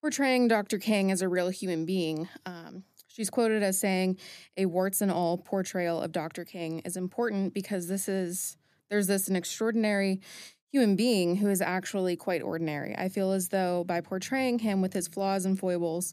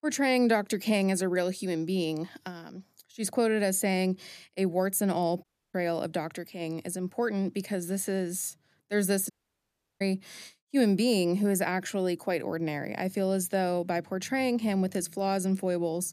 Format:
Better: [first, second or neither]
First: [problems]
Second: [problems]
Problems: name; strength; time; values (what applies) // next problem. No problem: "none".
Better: first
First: none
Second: audio cutting out; at 5.5 s and at 9.5 s for 0.5 s